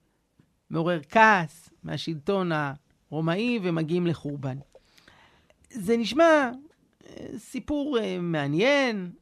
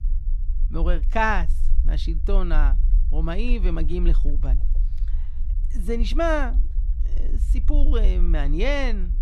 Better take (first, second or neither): first